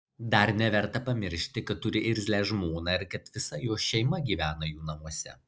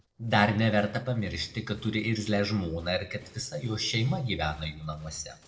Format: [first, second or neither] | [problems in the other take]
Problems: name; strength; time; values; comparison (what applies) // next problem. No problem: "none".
first | noise reduction (neural separator model SepFormer DNS4)